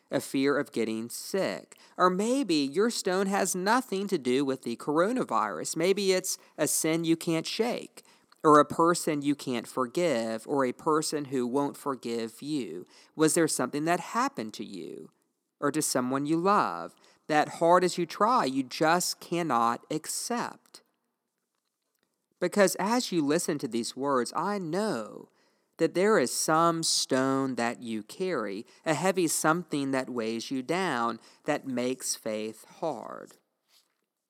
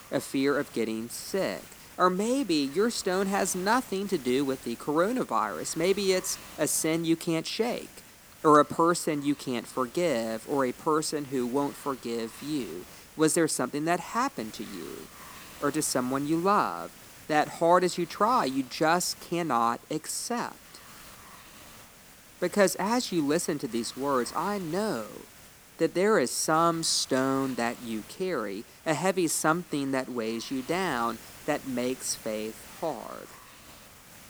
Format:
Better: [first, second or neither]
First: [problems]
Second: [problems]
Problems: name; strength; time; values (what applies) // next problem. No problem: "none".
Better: first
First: none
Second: hiss; noticeable; throughout; 20 dB below the speech